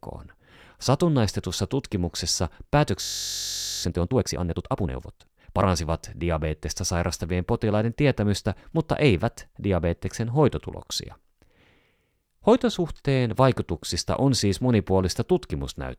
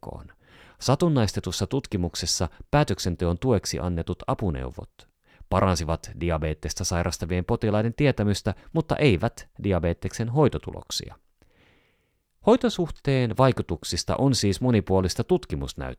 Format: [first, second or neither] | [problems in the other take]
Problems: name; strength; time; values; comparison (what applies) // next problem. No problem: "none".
second | audio freezing; at 3 s for 1 s